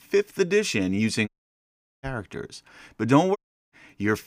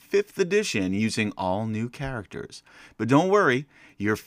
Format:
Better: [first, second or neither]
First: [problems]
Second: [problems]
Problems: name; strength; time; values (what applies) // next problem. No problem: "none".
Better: second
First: audio cutting out; at 1.5 s for 0.5 s and at 3.5 s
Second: none